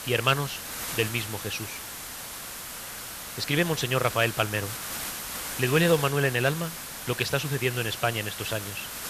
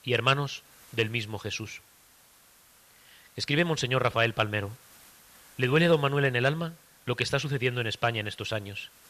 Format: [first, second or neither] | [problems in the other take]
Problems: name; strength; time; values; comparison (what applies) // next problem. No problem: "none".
second | hiss; loud; throughout; 7 dB below the speech; faint in the second